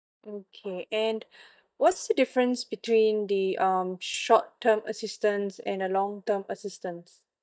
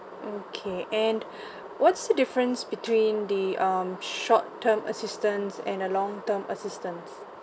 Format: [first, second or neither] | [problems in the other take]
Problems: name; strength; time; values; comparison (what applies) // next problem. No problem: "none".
second | noise reduction (neural mask model DeepFilterNet 3)